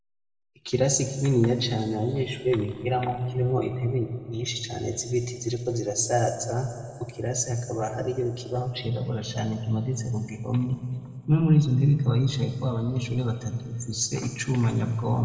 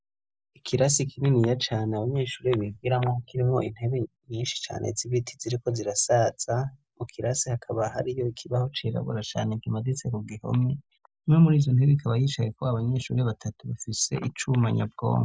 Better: second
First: room echo; dies away in 2.3 s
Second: none

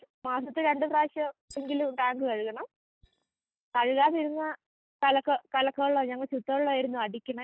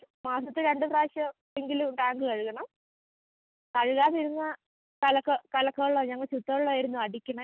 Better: second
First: noise reduction (neural mask model DeepFilterNet 3)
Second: none

